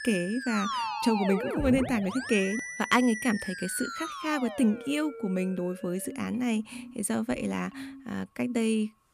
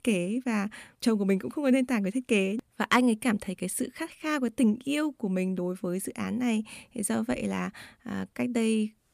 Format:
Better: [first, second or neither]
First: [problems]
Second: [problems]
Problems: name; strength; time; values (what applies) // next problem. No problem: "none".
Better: second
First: background music; loud; throughout; 7 dB below the speech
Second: none